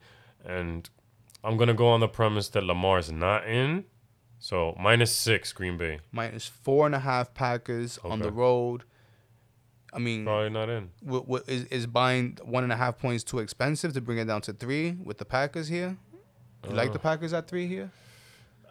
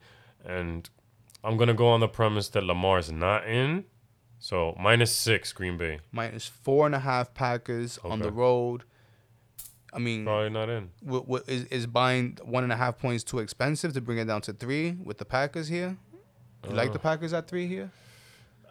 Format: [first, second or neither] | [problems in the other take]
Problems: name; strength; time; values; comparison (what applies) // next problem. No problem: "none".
first | jangling keys; faint; at 9.5 s; peak 15 dB below the speech